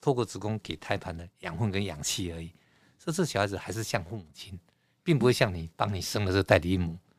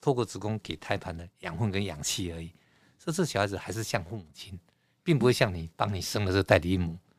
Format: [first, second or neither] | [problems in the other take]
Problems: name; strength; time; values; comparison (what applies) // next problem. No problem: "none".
neither | none